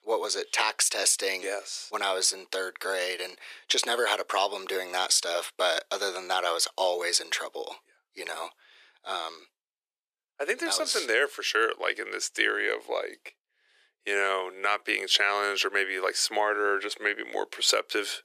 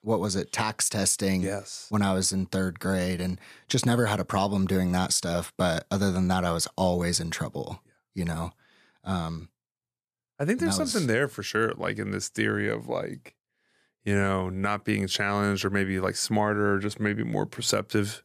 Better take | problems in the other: second | thin; very; fading below 350 Hz

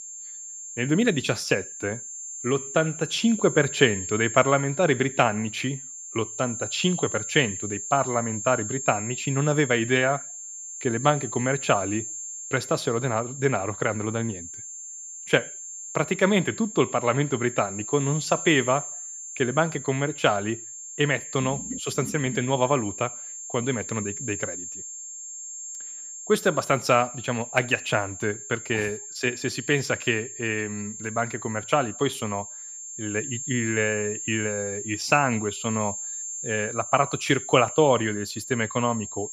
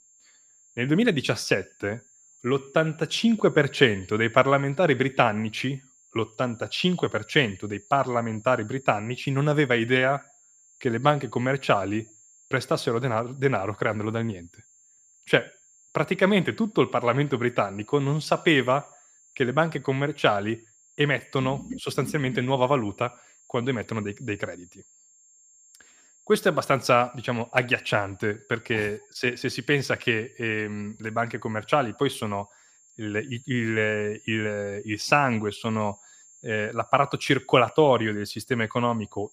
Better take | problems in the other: second | high-pitched whine; loud; throughout; 7.5 kHz, 9 dB below the speech; faint in the second

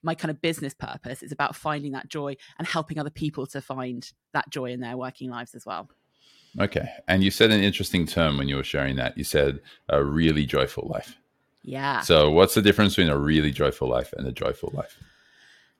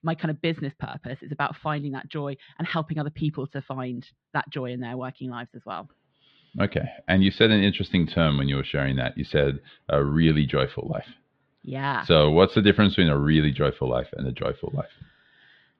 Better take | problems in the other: first | muffled; slightly; fading above 4 kHz

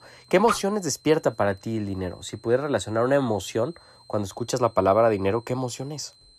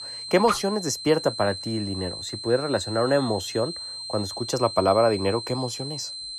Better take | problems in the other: first | high-pitched whine; loud; throughout; 4 kHz, 8 dB below the speech; faint in the first

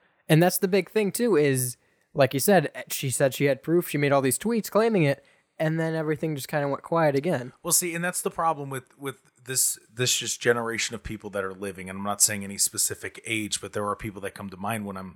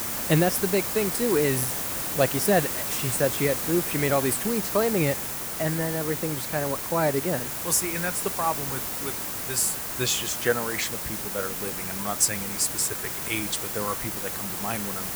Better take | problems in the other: first | hiss; loud; throughout; 2 dB below the speech

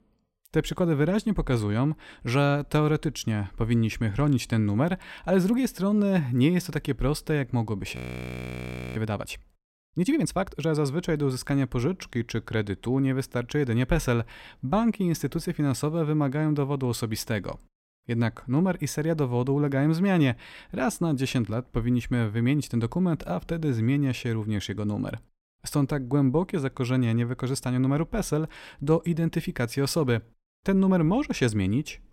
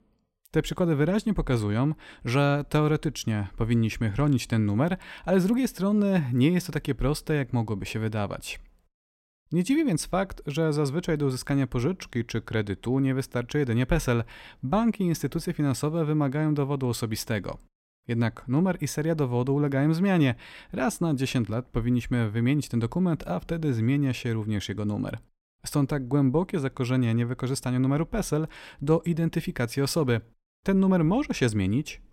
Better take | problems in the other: second | audio freezing; at 8 s for 1 s

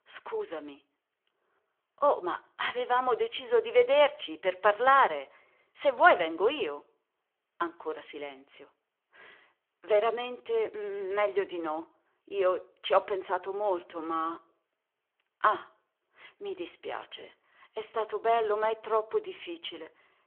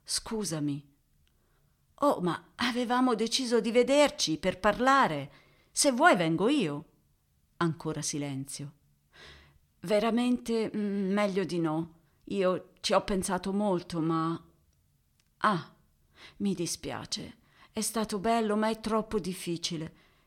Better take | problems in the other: second | phone-call audio

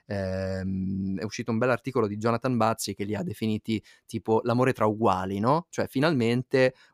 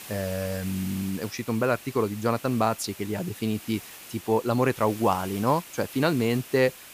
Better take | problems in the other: first | hiss; noticeable; throughout; 15 dB below the speech

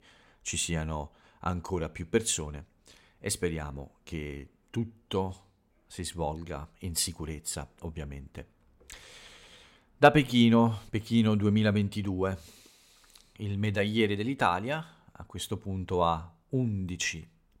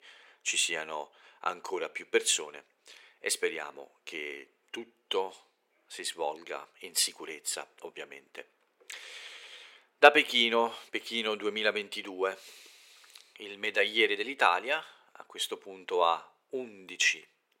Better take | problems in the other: first | thin; very; fading below 400 Hz

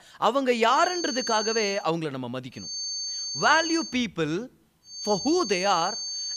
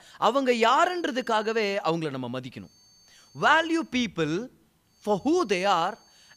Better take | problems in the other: second | high-pitched whine; loud; at 0.5 s, from 2.5 to 4 s and from 5 s on; 4.5 kHz, 6 dB below the speech; faint in the second

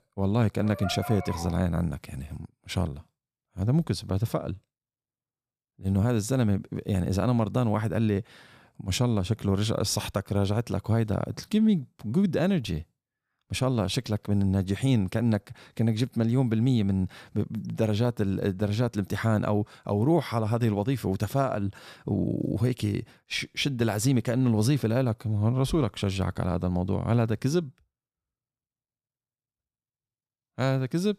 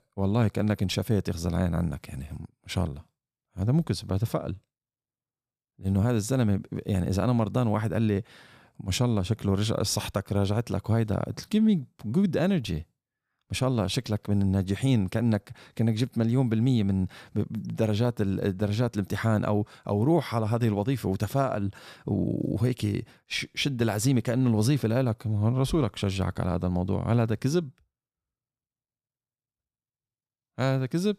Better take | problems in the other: second | dog barking; noticeable; from 0.5 to 1.5 s; peak 9 dB below the speech

